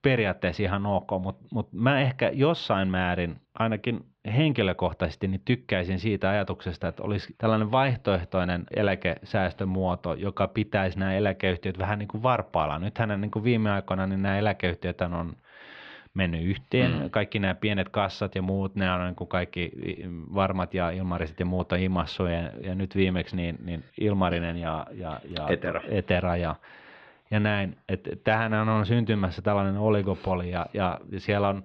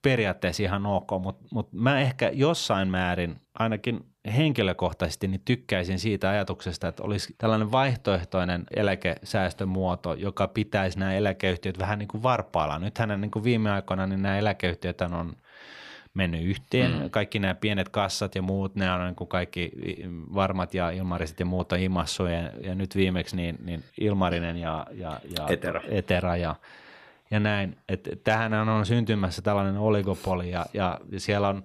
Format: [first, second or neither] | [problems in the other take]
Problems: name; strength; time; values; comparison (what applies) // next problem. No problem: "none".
second | muffled; slightly; fading above 3.5 kHz